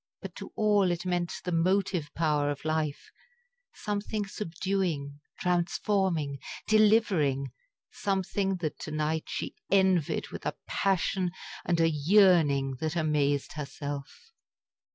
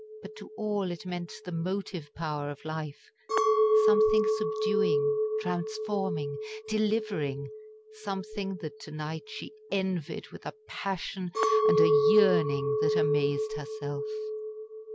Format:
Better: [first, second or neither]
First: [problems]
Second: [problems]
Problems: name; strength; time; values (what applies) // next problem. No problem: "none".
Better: first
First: none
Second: background sound (Chink, clink); 3 dB above the speech